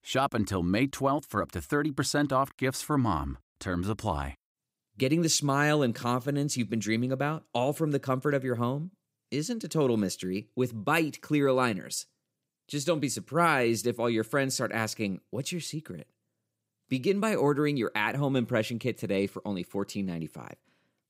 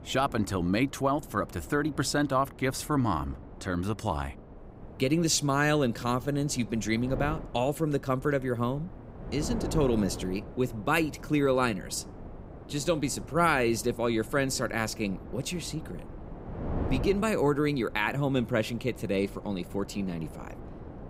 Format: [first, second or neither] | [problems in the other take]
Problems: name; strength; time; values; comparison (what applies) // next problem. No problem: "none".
first | wind noise on the microphone; occasional gusts; 15 dB below the speech